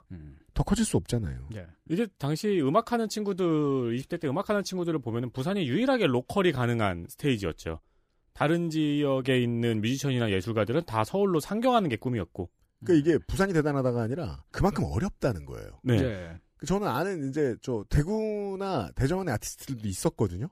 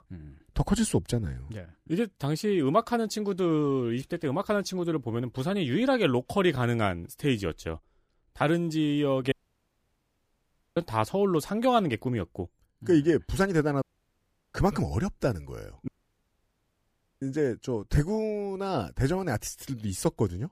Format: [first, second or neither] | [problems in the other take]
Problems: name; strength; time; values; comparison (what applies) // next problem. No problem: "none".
first | audio cutting out; at 9.5 s for 1.5 s, at 14 s for 0.5 s and at 16 s for 1.5 s